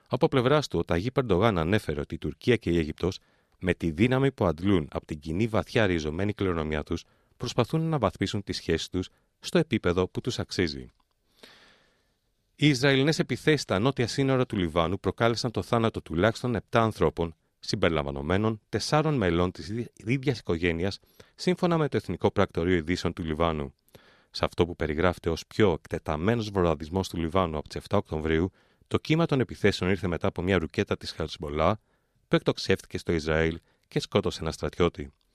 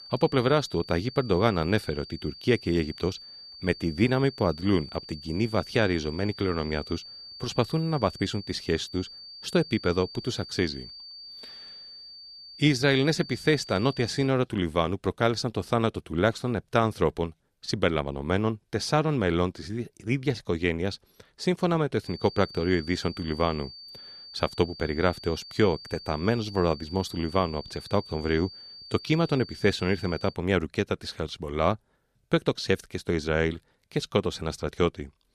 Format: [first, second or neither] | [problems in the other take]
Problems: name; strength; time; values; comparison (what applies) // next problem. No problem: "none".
first | high-pitched whine; noticeable; until 14 s and from 22 to 30 s; 4.5 kHz, 15 dB below the speech